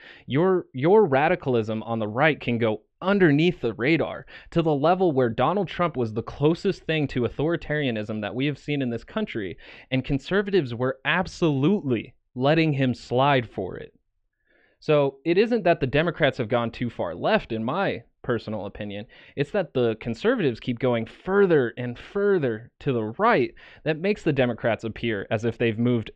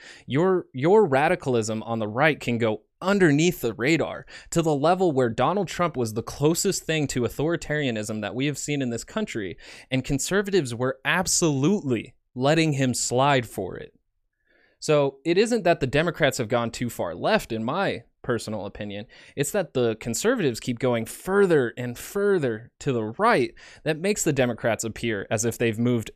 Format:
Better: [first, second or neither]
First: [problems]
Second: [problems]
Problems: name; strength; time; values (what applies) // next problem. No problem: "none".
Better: second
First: muffled; very; fading above 3.5 kHz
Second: none